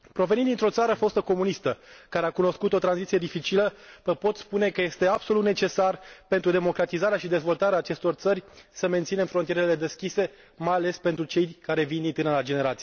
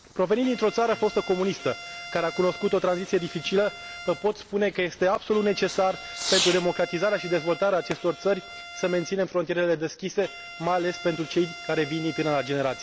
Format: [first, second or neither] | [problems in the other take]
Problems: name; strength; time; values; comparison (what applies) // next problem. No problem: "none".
first | background sound (Fireworks + Bowed string instrument); 11 dB below the speech